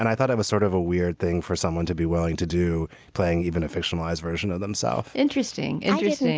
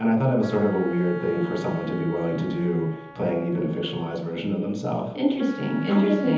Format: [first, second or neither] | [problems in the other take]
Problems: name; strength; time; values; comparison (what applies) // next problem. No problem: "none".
first | background sound (Wind instrument, woodwind instrument); 18 dB below the speech // room echo; dies away in 1.3 s